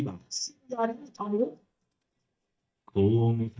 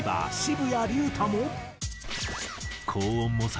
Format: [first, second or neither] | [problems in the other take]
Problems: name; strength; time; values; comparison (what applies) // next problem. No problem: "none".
second | noise reduction (neural mask model DeepFilterNet 3)